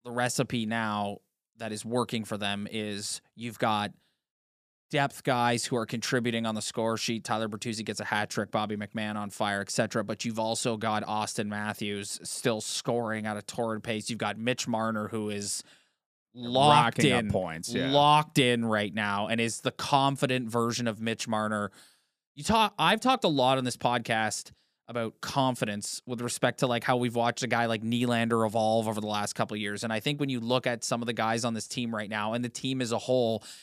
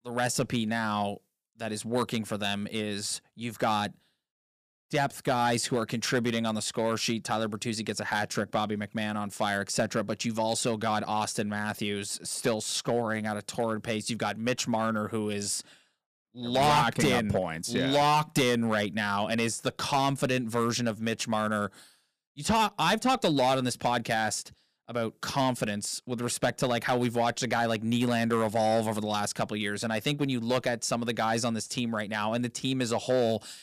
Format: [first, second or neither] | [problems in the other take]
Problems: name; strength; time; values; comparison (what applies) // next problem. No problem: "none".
first | distortion; slight; 3% of the sound clipped